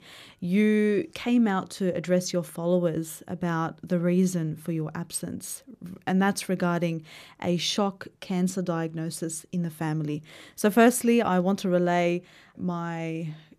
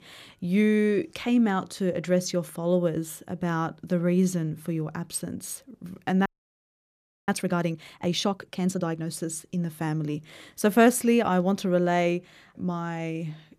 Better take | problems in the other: first | audio freezing; at 6.5 s for 1 s

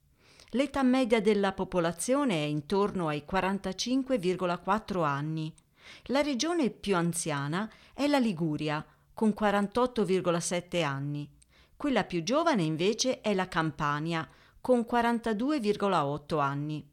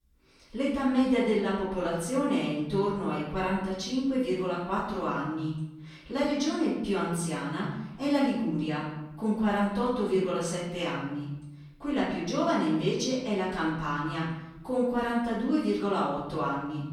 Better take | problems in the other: first | room echo; noticeable; dies away in 0.9 s // off-mic speech; far

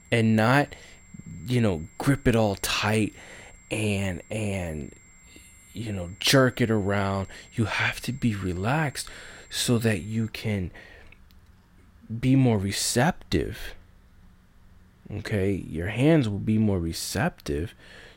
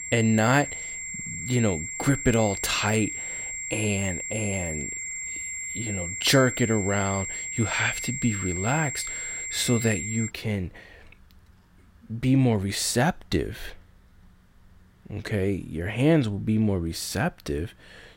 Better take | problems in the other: first | high-pitched whine; loud; until 10 s; 7.5 kHz, 5 dB below the speech; faint in the first

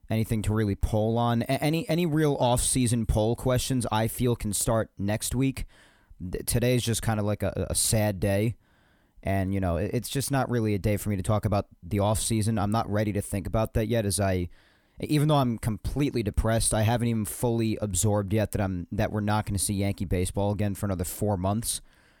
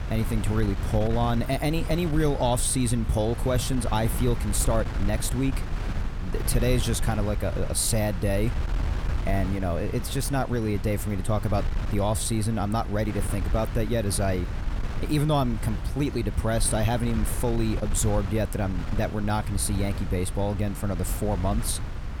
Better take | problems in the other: first | wind noise on the microphone; occasional gusts; 10 dB below the speech

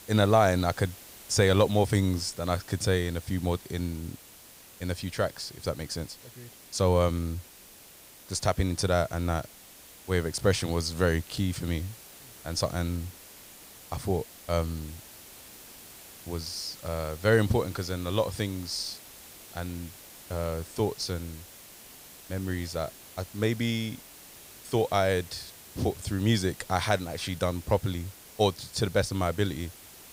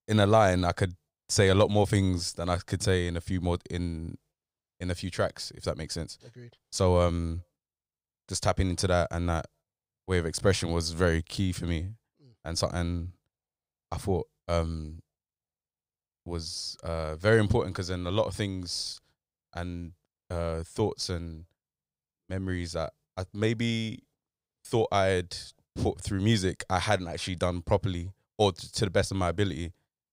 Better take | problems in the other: second | hiss; noticeable; throughout; 20 dB below the speech

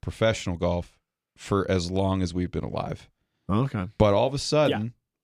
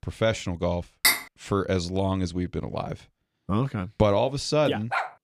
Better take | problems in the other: first | clattering dishes; loud; at 1 s; peak 5 dB above the speech // dog barking; noticeable; at 5 s; peak 3 dB below the speech

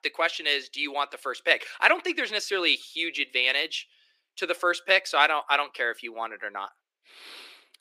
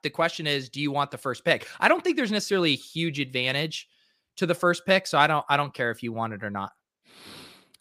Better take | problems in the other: second | thin; very; fading below 350 Hz

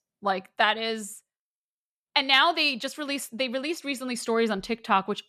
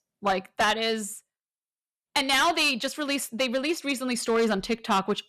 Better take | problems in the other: first | distortion; heavy; 6% of the sound clipped

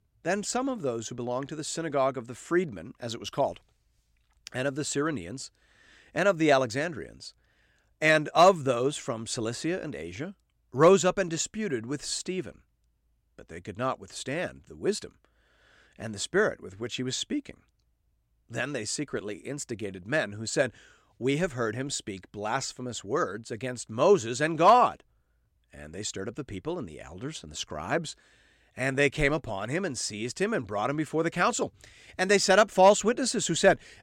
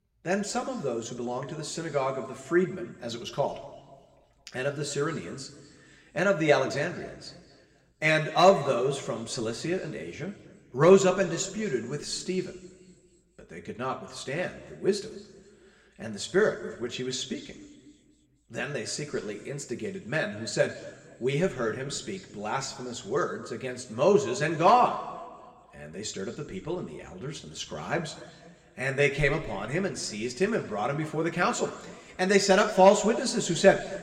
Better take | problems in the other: first | room echo; very slight; dies away in 1.4 s

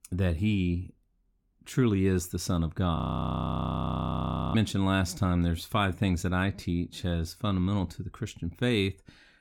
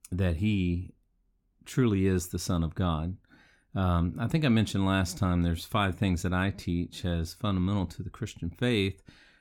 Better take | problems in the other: second | audio freezing; at 3 s for 1.5 s

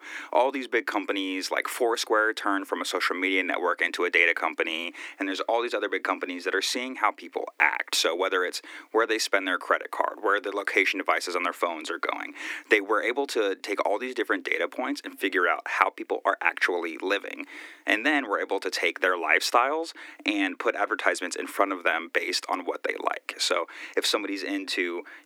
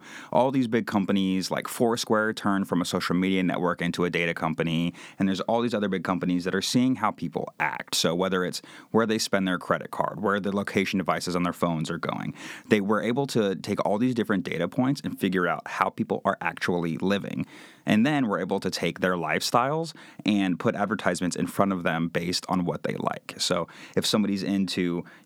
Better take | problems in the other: second | thin; somewhat; fading below 300 Hz

